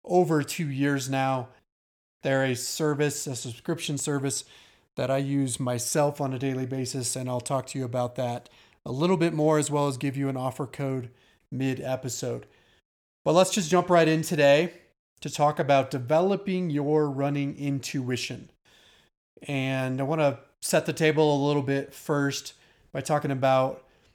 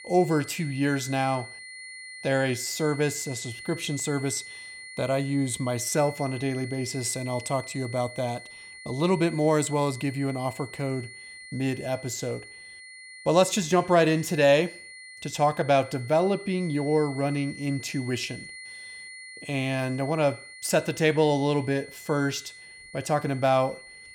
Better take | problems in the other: first | high-pitched whine; noticeable; throughout; 2 kHz, 15 dB below the speech

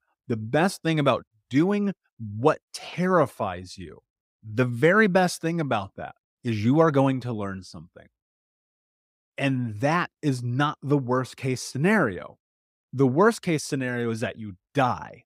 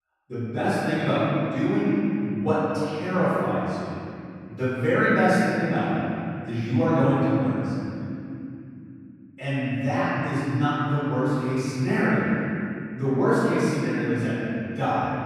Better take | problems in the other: first | off-mic speech; far // room echo; strong; dies away in 3 s

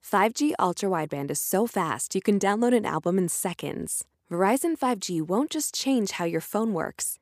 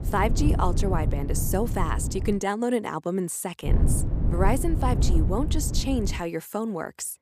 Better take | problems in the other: first | wind noise on the microphone; heavy; until 2.5 s and from 3.5 to 6 s; 10 dB below the speech

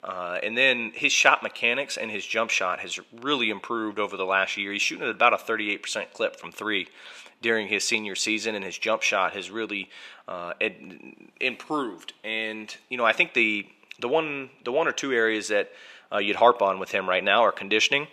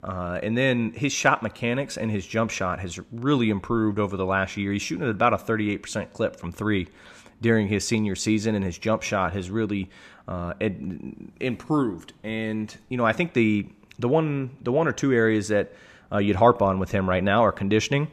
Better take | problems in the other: second | thin; somewhat; fading below 450 Hz

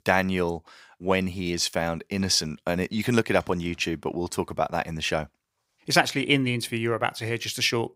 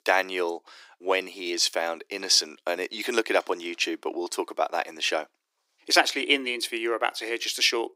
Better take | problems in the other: first | thin; somewhat; fading below 300 Hz

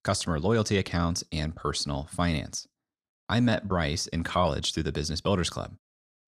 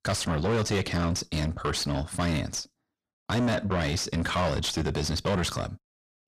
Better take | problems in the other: first | distortion; heavy; 6 dB below the speech

